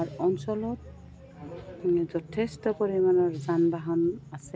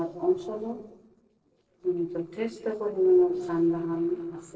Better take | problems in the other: first | noise reduction (neural separator model SepFormer DNS4)

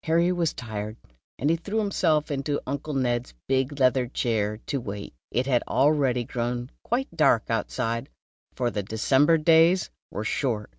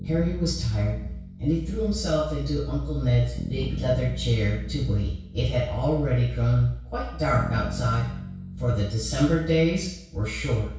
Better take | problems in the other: first | background sound (Bass guitar); 13 dB below the speech // room echo; dies away in 0.6 s

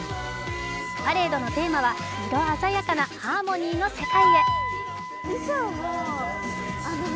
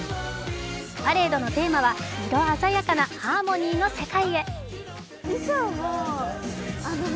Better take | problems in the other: second | background sound (Wind instrument, woodwind instrument); 2 dB below the speech

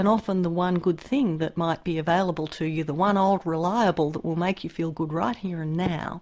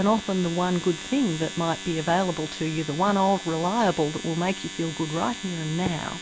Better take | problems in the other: first | background sound (Domestic sounds, home sounds); 12 dB below the speech

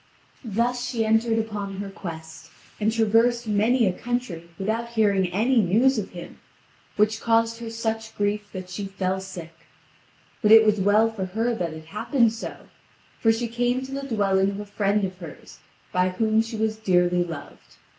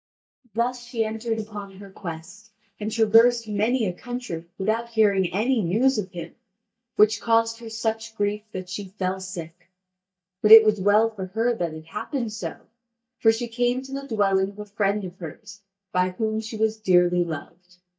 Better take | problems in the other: first | noise reduction (neural mask model DeepFilterNet 3)

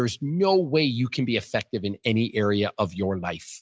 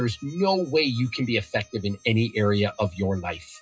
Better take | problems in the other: first | noise reduction (classical method WPE with log-MMSE)

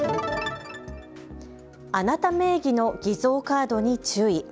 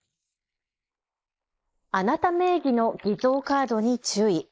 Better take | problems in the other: first | noise reduction (neural mask model Resemble Enhance denoiser)

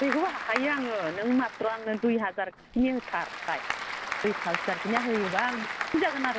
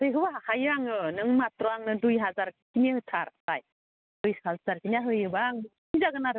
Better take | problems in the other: second | background sound (Applause / Crowd); 6 dB below the speech

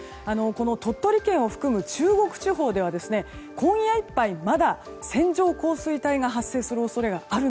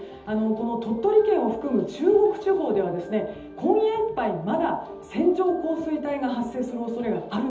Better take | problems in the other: first | room echo; dies away in 1.2 s

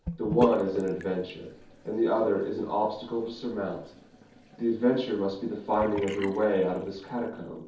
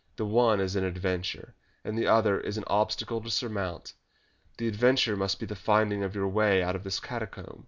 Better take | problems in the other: second | background sound (Bathtub (filling or washing) / Sink (filling or washing)); 13 dB below the speech // room echo; dies away in 0.6 s

